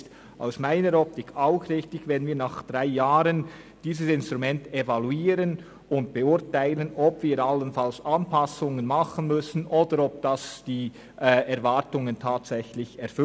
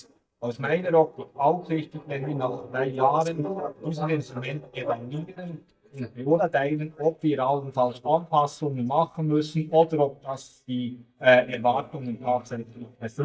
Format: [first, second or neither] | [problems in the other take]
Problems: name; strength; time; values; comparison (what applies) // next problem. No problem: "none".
first | noise reduction (neural mask model DeepFilterNet 3)